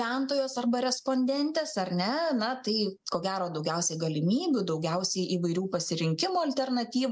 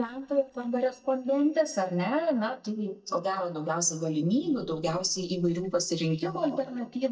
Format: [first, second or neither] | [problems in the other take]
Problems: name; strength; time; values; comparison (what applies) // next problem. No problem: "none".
first | noise reduction (neural mask model DeepFilterNet 3)